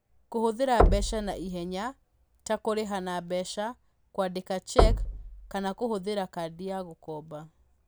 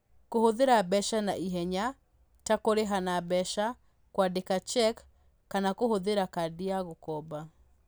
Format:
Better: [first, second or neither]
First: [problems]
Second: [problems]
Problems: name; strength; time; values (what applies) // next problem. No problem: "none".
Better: second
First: background sound (Knock); 3 dB above the speech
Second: none